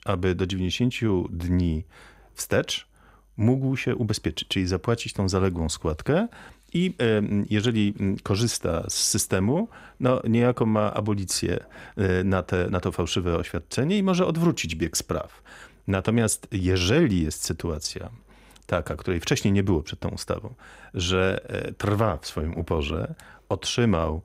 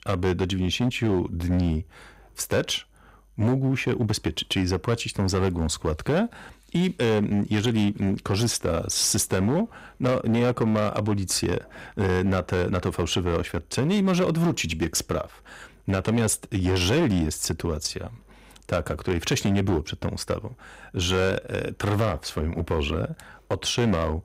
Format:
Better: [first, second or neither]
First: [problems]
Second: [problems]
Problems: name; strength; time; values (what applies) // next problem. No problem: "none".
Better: first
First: none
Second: distortion; slight; 9% of the sound clipped